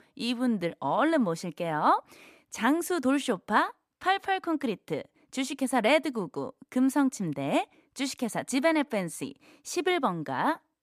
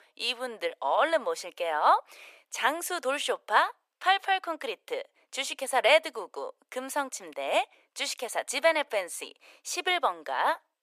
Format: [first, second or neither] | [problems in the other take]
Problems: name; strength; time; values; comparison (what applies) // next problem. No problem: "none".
first | thin; very; fading below 500 Hz